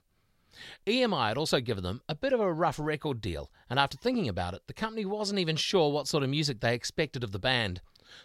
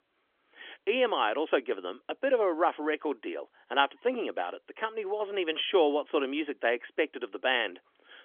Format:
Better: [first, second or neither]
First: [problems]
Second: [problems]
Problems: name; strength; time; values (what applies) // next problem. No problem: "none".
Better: first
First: none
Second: phone-call audio; nothing above 3.5 kHz